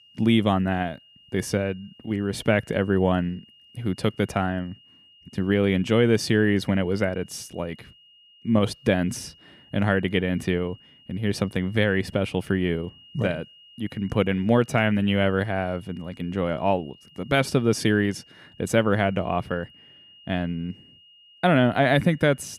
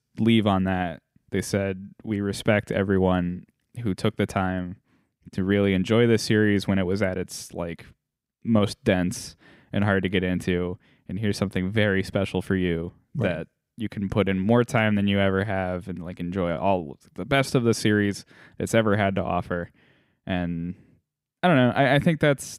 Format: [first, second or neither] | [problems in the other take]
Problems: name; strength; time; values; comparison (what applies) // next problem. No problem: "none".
second | high-pitched whine; faint; throughout; 3 kHz, 25 dB below the speech